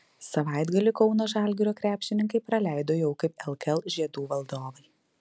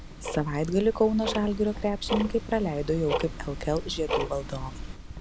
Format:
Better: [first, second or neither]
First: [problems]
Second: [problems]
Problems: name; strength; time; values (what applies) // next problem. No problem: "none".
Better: first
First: none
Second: background sound (Tick-tock); 6 dB below the speech